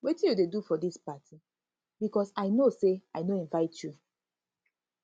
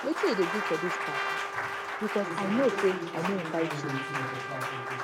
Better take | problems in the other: first | background sound (Applause + Trumpet); 1 dB below the speech

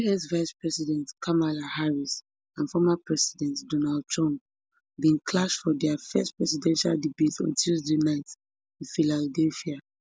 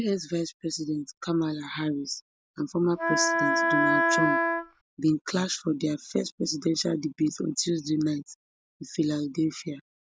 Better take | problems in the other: first | background sound (Wind instrument, woodwind instrument); 4 dB above the speech

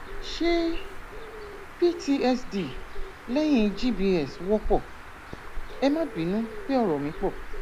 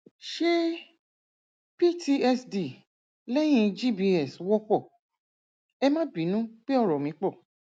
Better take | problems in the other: second | background sound (Bird); 7 dB below the speech

